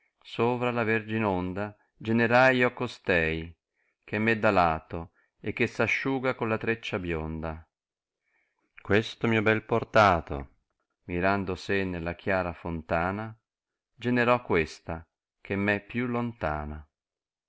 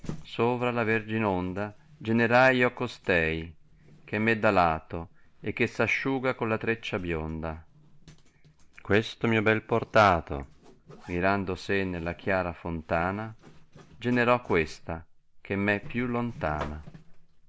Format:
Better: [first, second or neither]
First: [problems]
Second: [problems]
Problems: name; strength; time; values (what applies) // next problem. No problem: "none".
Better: first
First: none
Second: background sound (Zipper (clothing)); 20 dB below the speech